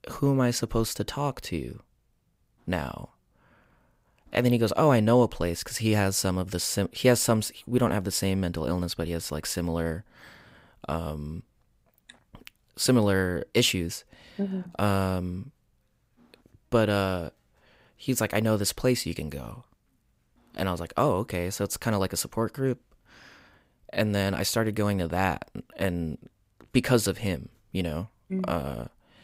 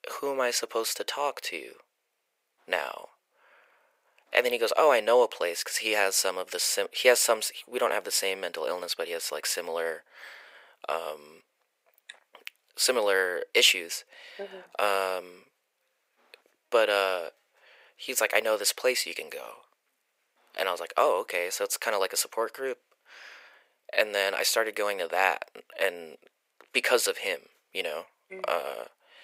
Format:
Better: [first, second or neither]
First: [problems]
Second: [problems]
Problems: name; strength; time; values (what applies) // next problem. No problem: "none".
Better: first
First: none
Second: thin; very; fading below 500 Hz